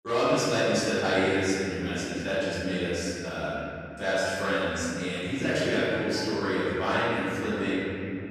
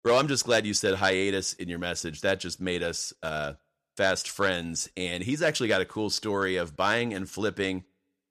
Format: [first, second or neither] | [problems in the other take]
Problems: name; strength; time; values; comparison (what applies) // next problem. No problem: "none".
second | off-mic speech; far // room echo; strong; dies away in 3 s